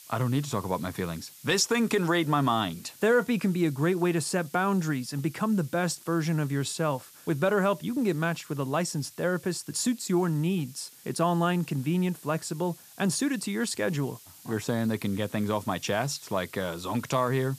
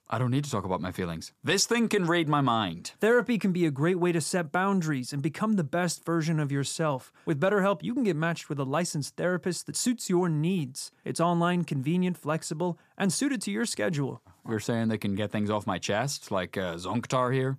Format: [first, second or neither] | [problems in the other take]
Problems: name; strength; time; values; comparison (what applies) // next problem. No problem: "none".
second | hiss; faint; throughout; 20 dB below the speech